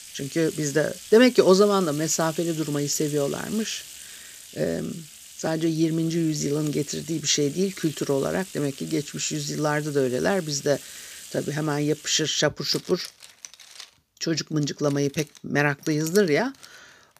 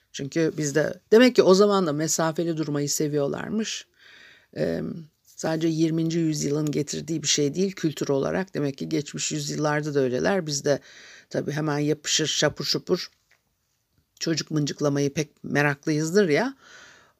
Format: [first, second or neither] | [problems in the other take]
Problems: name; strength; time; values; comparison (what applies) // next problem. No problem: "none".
second | household noises; noticeable; throughout; 15 dB below the speech